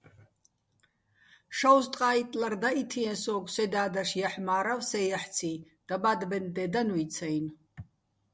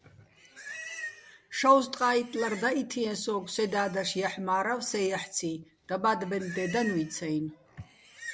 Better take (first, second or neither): first